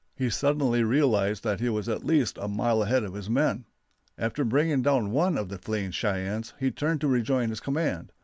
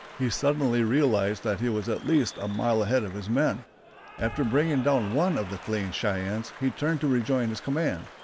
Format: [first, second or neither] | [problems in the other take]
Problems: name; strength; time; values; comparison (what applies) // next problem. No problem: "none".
first | background sound (Applause / Cheering); 17 dB below the speech